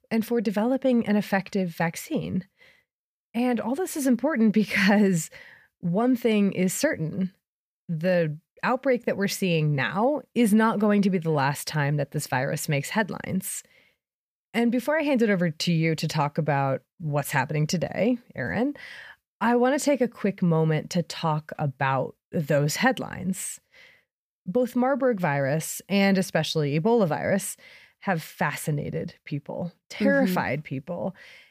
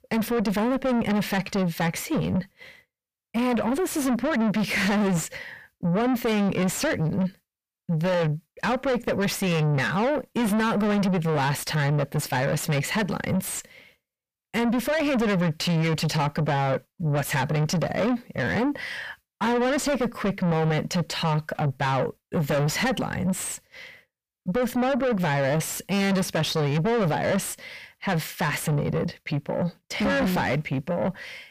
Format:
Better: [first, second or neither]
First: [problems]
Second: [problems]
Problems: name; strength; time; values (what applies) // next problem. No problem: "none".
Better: first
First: none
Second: distortion; heavy; 6 dB below the speech